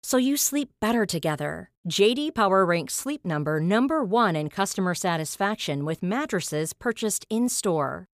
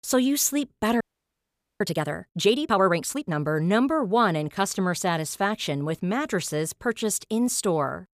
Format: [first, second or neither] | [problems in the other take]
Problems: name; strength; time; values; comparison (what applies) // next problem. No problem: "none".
first | audio freezing; at 1 s for 1 s